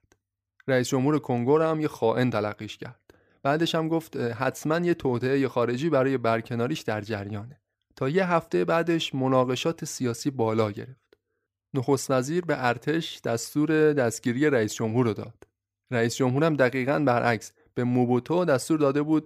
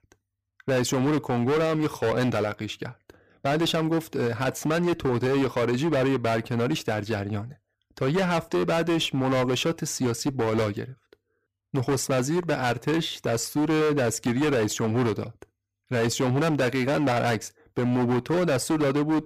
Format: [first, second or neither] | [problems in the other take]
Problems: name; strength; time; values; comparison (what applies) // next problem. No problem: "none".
first | distortion; heavy; 21% of the sound clipped